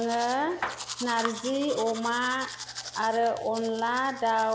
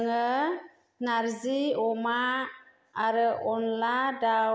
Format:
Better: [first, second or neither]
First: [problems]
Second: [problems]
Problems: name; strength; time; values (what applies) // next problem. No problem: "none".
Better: second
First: background sound (Domestic sounds, home sounds); 11 dB below the speech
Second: none